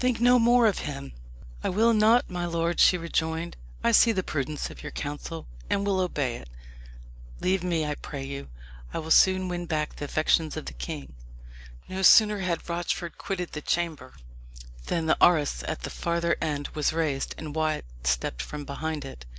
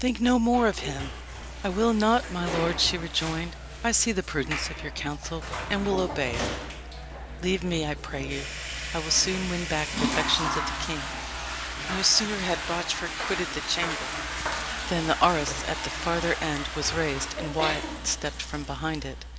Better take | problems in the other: first | background sound (Toilet flush / Water); 6 dB below the speech

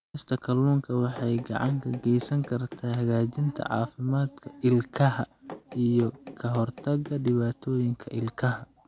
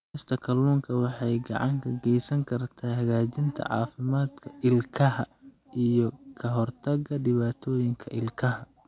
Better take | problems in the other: second | background sound (Run); 18 dB below the speech

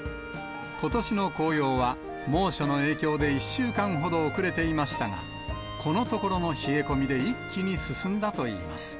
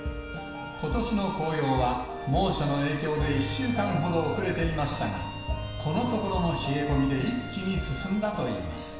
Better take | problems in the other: first | room echo; dies away in 1 s

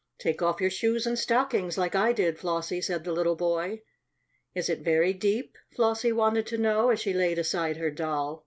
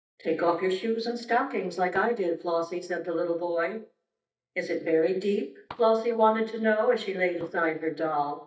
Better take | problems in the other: first | noise reduction (neural mask model DeepFilterNet 3)

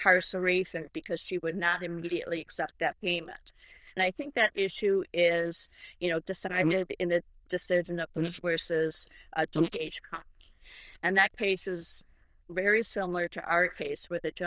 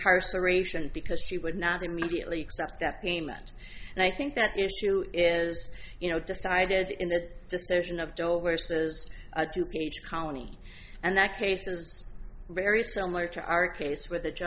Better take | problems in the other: second | noise reduction (neural diffusion model UNIVERSE++)

